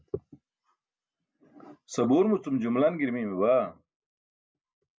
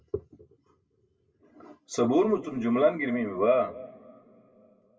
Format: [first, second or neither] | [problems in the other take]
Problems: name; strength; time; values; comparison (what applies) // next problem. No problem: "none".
first | room echo; dies away in 1.5 s